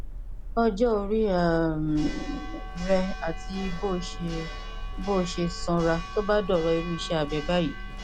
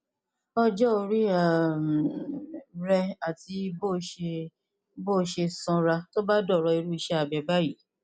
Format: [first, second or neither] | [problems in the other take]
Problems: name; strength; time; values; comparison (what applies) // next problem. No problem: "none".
second | background sound (Church bell); 7 dB below the speech